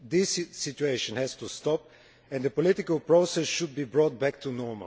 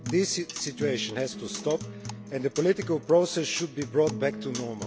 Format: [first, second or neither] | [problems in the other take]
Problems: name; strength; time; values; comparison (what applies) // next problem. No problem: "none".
first | background sound (Acoustic guitar); 11 dB below the speech